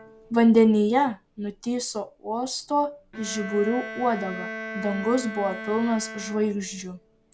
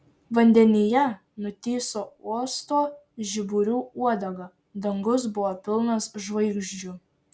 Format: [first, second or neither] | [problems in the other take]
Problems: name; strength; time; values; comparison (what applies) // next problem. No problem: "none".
second | background sound (Bowed string instrument); 14 dB below the speech